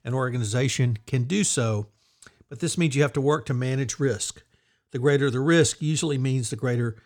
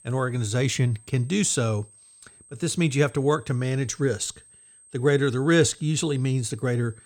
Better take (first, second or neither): first